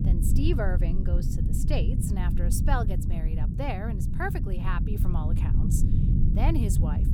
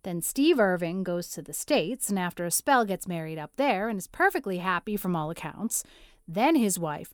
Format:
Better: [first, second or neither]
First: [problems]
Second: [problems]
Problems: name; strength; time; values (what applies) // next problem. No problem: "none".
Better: second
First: low rumble; loud; throughout; 4 dB below the speech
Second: none